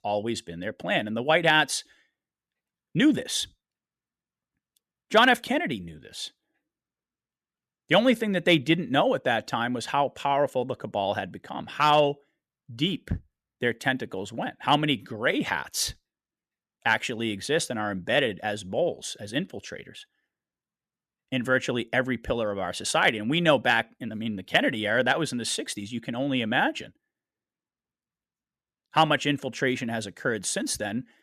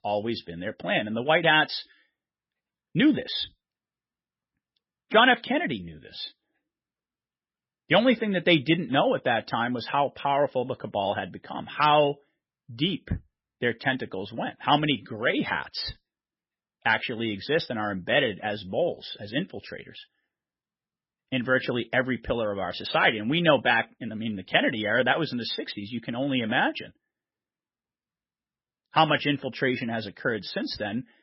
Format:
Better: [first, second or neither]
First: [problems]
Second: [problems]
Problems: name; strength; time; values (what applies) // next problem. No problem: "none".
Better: first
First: none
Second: garbled, watery; badly; nothing above 5.5 kHz